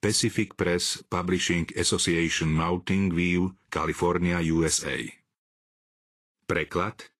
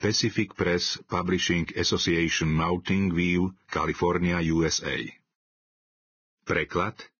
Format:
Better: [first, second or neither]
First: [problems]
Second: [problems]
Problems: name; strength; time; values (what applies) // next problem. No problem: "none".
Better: first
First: garbled, watery; slightly; nothing above 10.5 kHz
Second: garbled, watery; badly; nothing above 6.5 kHz